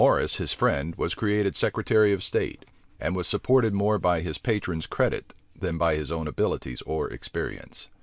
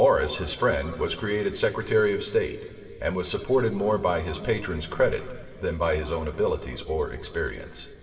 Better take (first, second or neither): first